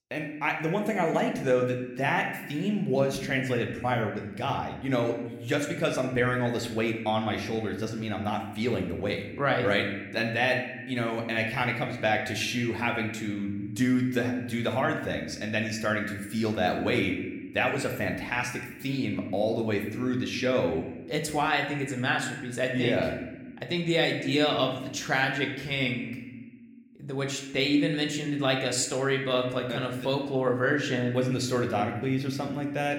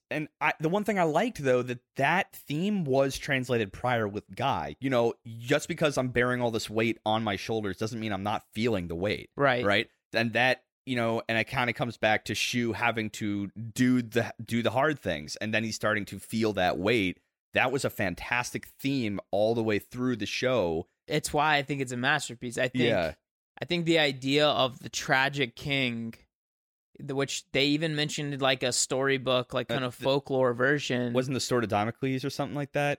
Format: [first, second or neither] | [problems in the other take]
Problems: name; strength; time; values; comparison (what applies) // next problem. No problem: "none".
second | room echo; slight; dies away in 1 s